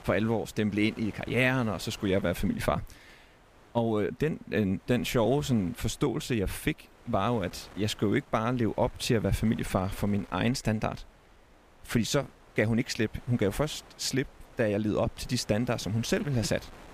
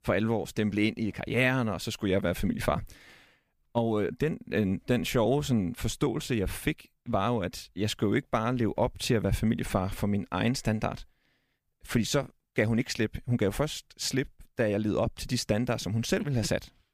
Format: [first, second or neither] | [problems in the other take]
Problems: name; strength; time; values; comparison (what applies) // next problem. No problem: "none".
second | wind noise on the microphone; occasional gusts; 20 dB below the speech